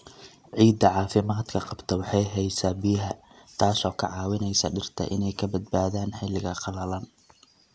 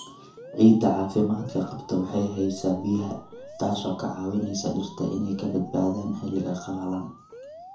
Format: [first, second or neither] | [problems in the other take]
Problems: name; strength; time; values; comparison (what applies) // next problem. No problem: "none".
first | background sound (Alarm); 19 dB below the speech // room echo; dies away in 0.7 s